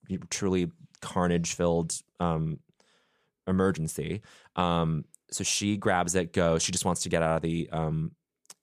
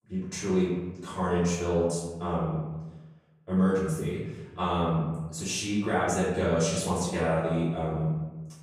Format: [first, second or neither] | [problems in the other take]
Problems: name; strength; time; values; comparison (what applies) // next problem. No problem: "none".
first | room echo; noticeable; dies away in 1 s // off-mic speech; far